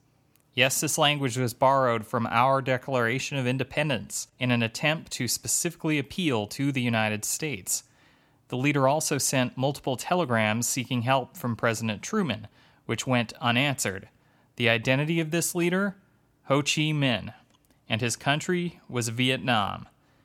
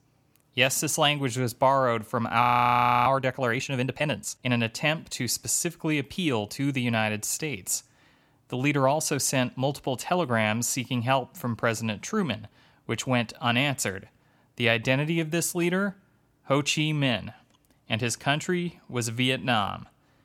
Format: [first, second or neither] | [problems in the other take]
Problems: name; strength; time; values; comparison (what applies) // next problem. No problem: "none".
first | audio freezing; at 2.5 s for 0.5 s